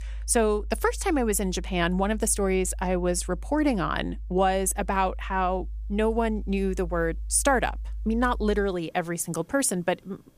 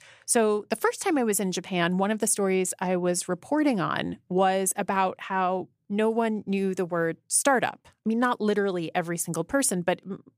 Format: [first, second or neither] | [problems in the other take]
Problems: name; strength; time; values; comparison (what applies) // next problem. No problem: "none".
second | background music; noticeable; throughout; 10 dB below the speech